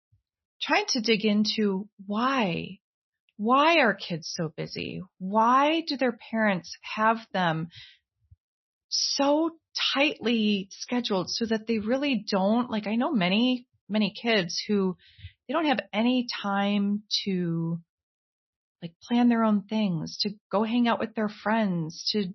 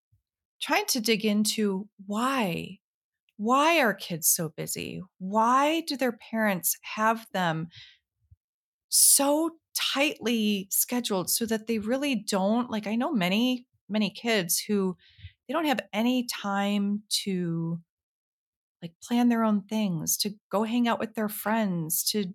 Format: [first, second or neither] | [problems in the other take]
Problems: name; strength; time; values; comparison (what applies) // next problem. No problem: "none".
second | garbled, watery; slightly; nothing above 6 kHz